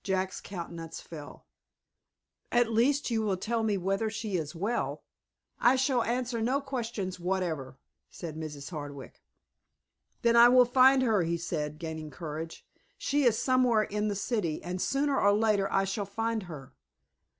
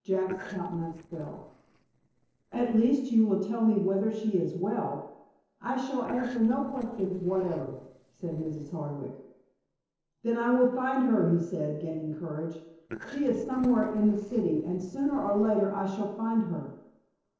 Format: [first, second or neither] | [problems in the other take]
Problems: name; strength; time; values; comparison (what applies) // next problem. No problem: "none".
first | noise reduction (neural separator model SepFormer DNS4)